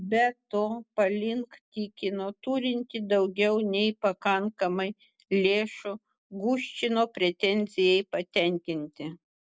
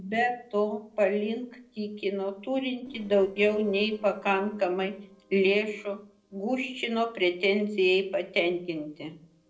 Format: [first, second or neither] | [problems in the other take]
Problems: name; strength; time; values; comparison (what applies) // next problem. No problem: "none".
first | noise reduction (neural separator model SepFormer DNS4)